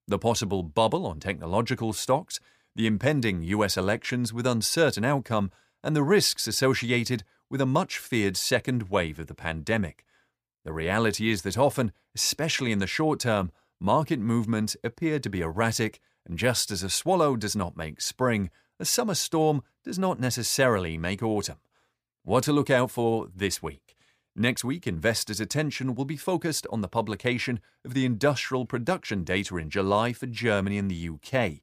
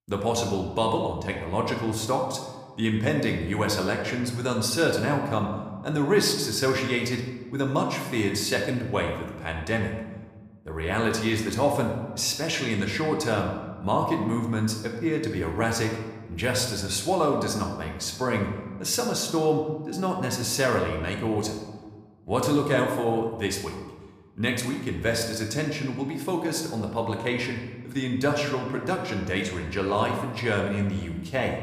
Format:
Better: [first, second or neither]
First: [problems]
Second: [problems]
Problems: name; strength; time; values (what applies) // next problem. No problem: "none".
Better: first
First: none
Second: room echo; slight; dies away in 1 s